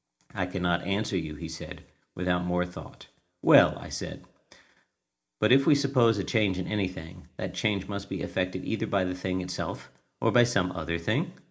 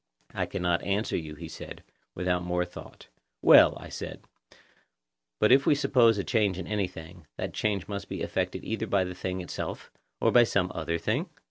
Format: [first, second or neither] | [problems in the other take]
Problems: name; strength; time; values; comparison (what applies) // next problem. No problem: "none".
second | room echo; dies away in 0.4 s